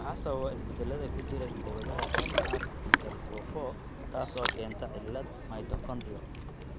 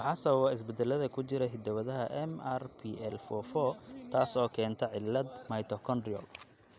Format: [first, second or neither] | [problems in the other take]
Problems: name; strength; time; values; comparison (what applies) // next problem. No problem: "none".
second | background sound (Ocean); 5 dB above the speech